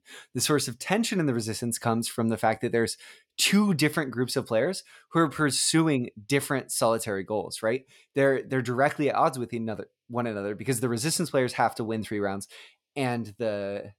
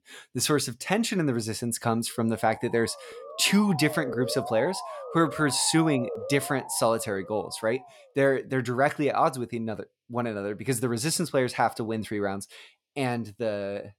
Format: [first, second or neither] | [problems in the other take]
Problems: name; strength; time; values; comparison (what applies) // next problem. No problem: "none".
first | siren; noticeable; from 2.5 to 8 s; peak 7 dB below the speech